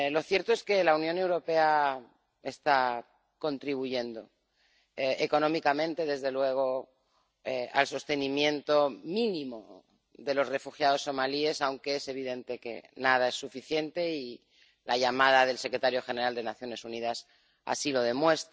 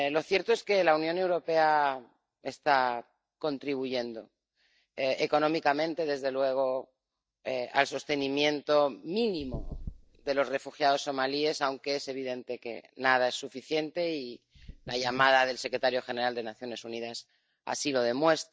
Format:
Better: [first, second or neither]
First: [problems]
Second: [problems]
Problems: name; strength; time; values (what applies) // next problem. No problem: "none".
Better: first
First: none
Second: noise reduction (neural mask model DeepFilterNet 3)